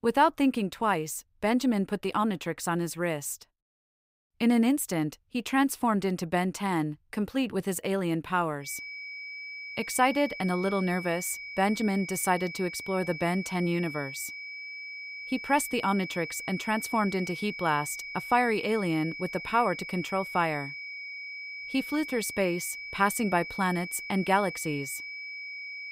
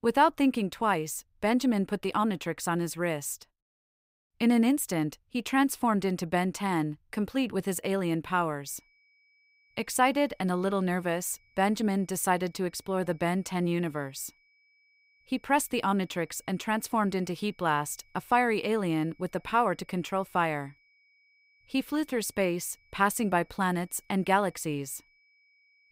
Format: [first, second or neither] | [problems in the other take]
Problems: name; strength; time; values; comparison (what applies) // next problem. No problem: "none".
second | high-pitched whine; loud; from 8.5 s on; 2.5 kHz, 9 dB below the speech; faint in the second